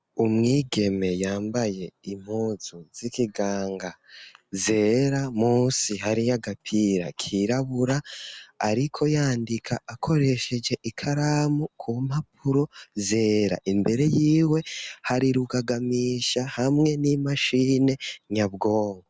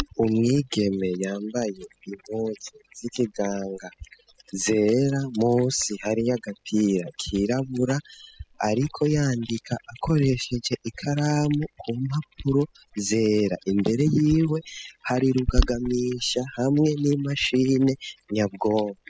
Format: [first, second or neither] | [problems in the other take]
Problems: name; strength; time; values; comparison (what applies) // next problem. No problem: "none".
first | noise reduction (classical method spectral subtraction)